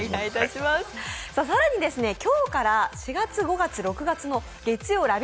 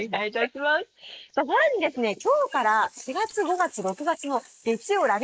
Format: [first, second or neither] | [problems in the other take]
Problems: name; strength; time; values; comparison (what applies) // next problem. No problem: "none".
first | noise reduction (neural mask model Resemble Enhance denoiser)